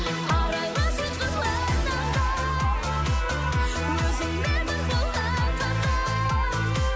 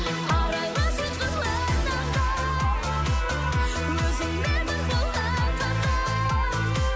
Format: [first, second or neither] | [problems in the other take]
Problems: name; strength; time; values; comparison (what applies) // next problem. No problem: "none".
second | background sound (Bird); 13 dB below the speech